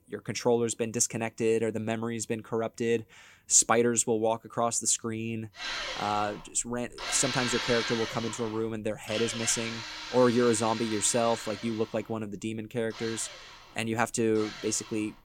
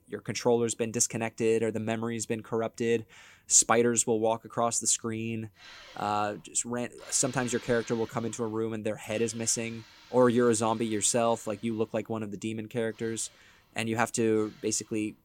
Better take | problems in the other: second | machinery noise; loud; from 5.5 s on; 7 dB below the speech; faint in the second

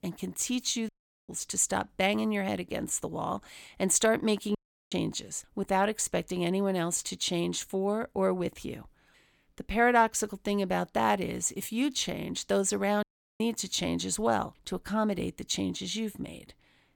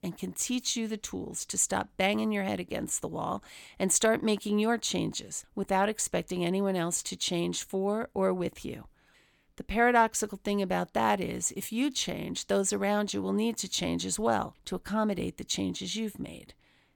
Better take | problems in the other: second | audio cutting out; at 1 s, at 4.5 s and at 13 s

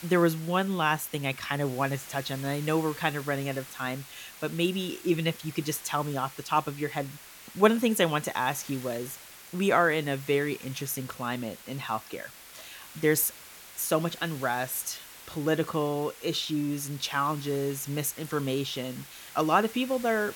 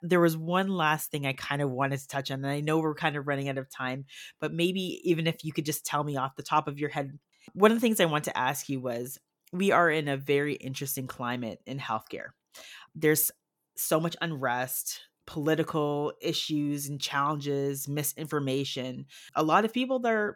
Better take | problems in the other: second | hiss; noticeable; throughout; 15 dB below the speech

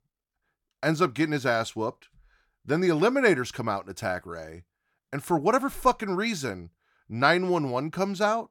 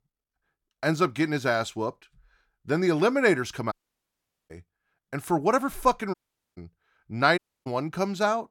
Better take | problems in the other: first | audio cutting out; at 3.5 s for 1 s, at 6 s and at 7.5 s

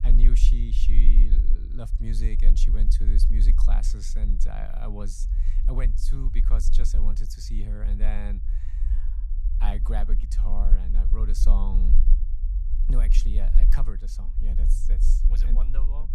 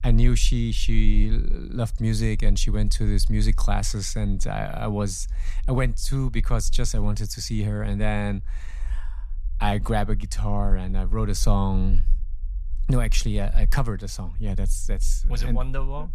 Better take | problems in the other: second | low rumble; loud; throughout; 7 dB below the speech; faint in the second

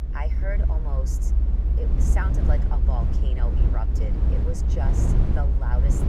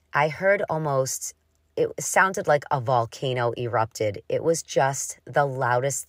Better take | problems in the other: second | low rumble; loud; throughout; 2 dB below the speech

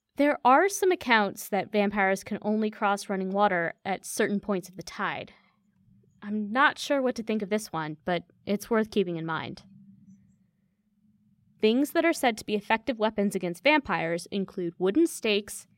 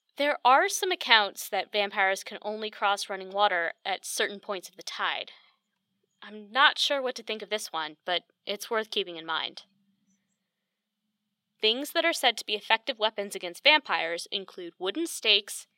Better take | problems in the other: first | thin; somewhat; fading below 550 Hz

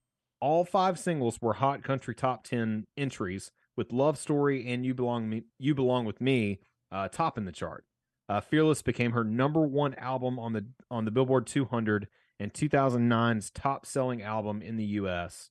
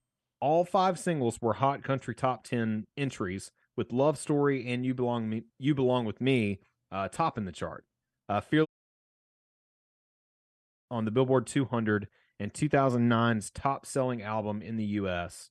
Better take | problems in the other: first | audio cutting out; at 8.5 s for 2 s

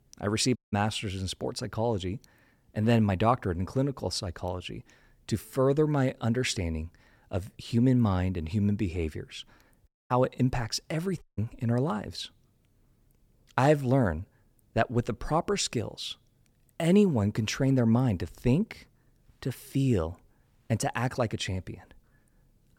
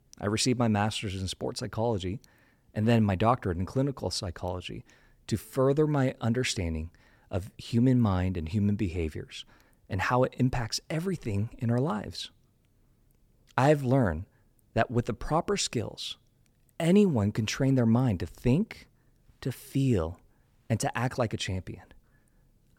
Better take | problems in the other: second | audio cutting out; at 0.5 s, at 10 s and at 11 s

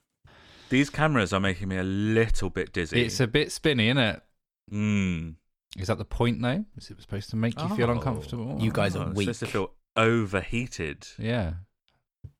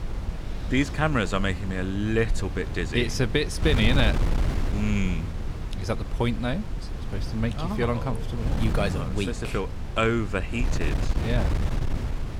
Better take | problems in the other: first | wind noise on the microphone; occasional gusts; 10 dB below the speech

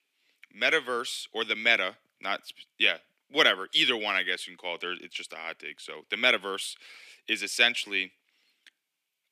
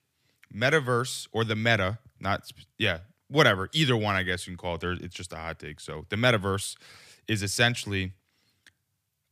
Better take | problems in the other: second | thin; somewhat; fading below 250 Hz

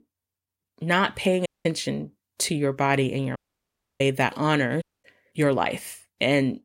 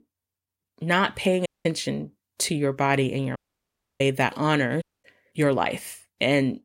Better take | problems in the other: neither | audio cutting out; at 1.5 s, at 3.5 s for 0.5 s and at 5 s; the same in both

